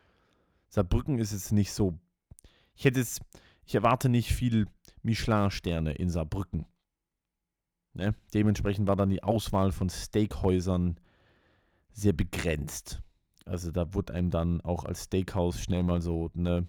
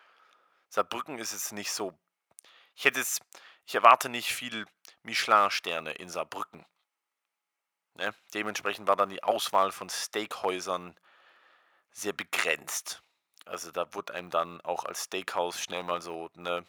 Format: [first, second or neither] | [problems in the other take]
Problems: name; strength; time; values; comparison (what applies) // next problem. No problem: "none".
first | thin; very; fading below 800 Hz